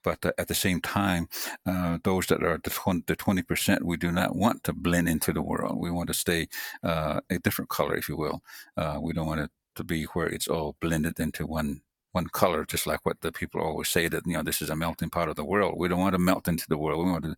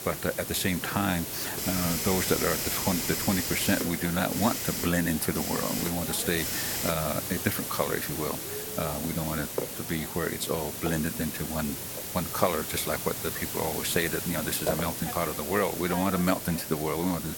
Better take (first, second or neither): first